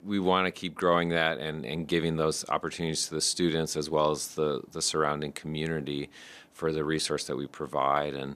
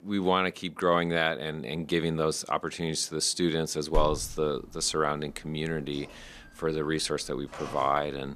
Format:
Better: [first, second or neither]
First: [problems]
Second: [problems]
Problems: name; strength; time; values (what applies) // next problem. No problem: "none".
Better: first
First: none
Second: phone ringing; noticeable; at 4 s; peak 8 dB below the speech